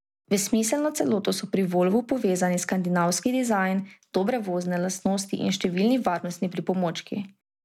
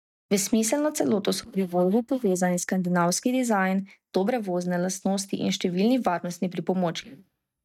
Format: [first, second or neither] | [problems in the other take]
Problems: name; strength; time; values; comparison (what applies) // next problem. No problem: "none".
first | noise reduction (neural mask model DeepFilterNet 3)